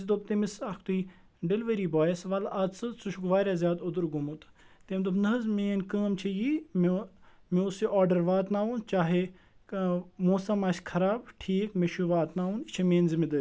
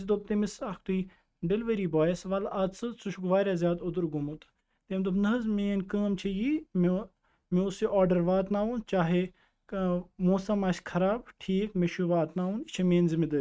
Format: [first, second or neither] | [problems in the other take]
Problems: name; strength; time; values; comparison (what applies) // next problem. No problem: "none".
first | noise reduction (neural mask model RNNoise)